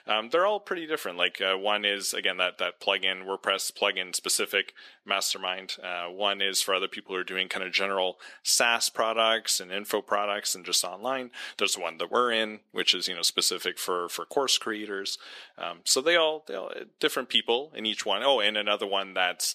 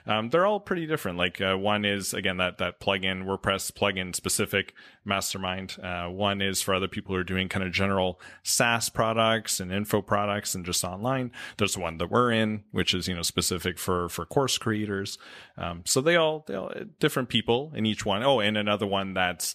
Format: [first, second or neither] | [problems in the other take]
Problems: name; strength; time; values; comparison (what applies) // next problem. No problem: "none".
second | thin; somewhat; fading below 350 Hz